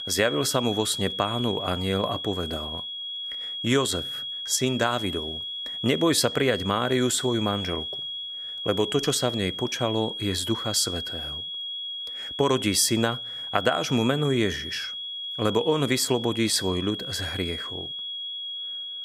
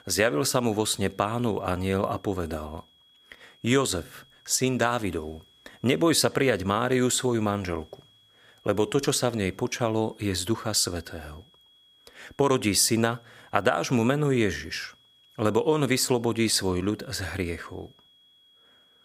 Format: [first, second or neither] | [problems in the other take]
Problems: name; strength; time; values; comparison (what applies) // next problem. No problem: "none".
second | high-pitched whine; loud; throughout; 3.5 kHz, 6 dB below the speech; faint in the second